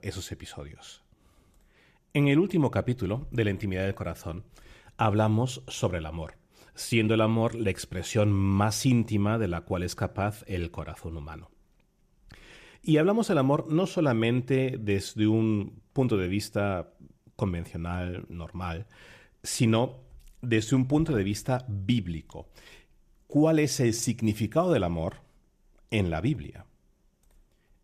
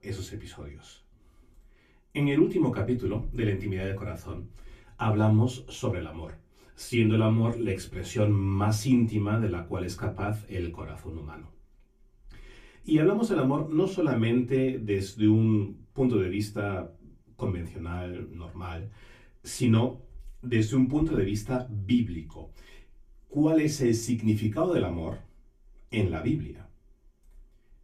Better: first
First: none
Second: off-mic speech; far // room echo; very slight; dies away in 0.2 s

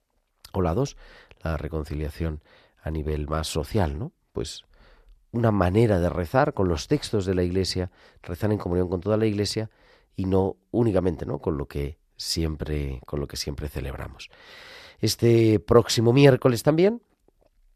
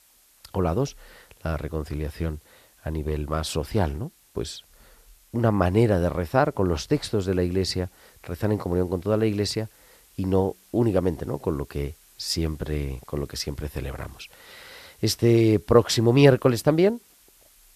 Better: first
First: none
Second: hiss; faint; throughout; 30 dB below the speech

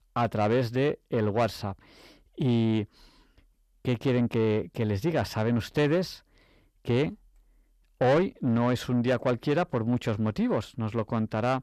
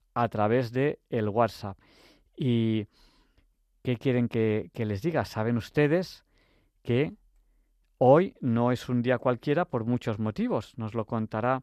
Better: second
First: distortion; slight; 10 dB below the speech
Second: none

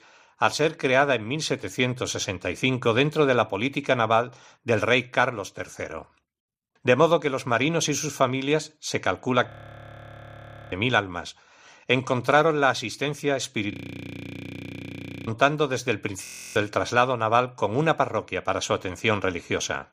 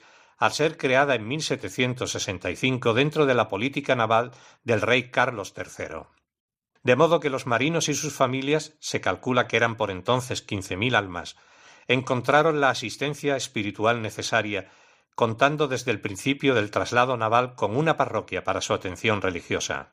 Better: second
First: audio freezing; at 9.5 s for 1 s, at 14 s for 1.5 s and at 16 s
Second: none

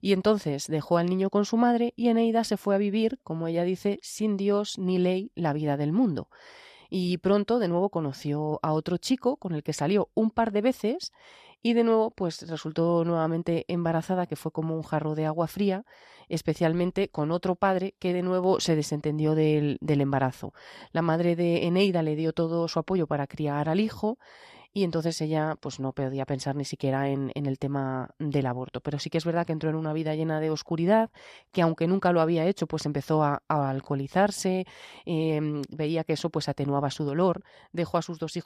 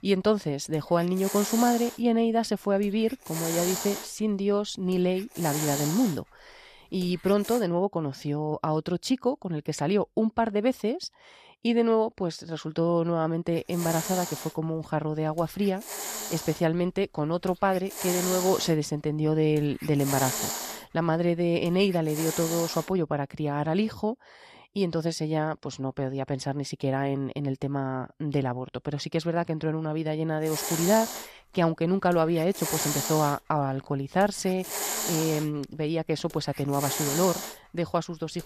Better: first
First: none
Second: hiss; loud; until 7.5 s, from 14 to 23 s and from 30 s on; 5 dB below the speech

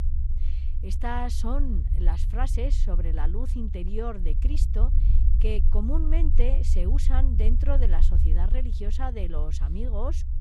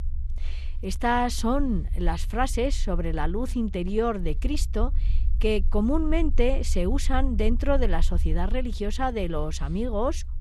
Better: second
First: low rumble; loud; throughout; 9 dB below the speech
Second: low rumble; faint; throughout; 25 dB below the speech

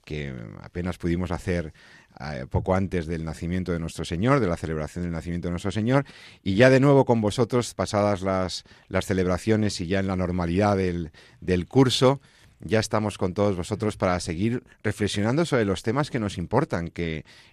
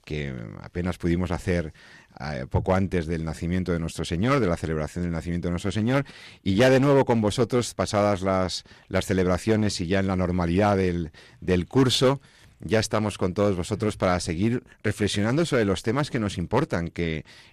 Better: first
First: none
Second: distortion; slight; 4% of the sound clipped

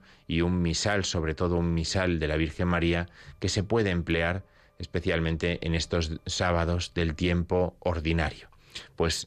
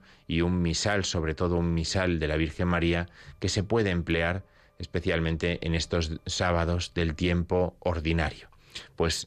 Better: neither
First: none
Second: none

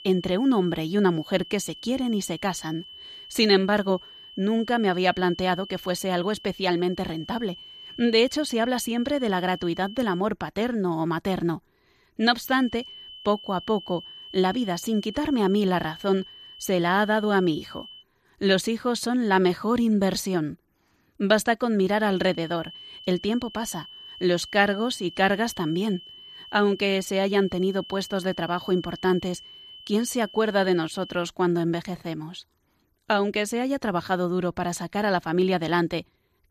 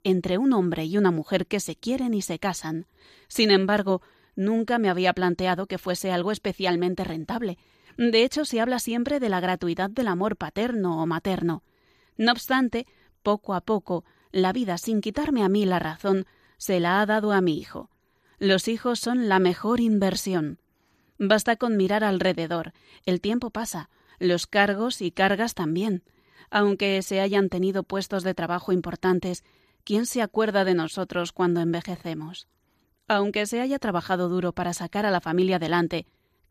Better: second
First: high-pitched whine; noticeable; until 10 s, from 12 to 18 s and from 22 to 31 s; 3 kHz, 15 dB below the speech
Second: none

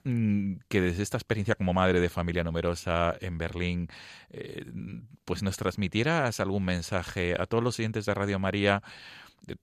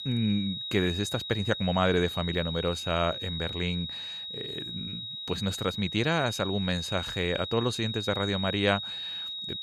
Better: first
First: none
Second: high-pitched whine; loud; throughout; 4 kHz, 5 dB below the speech

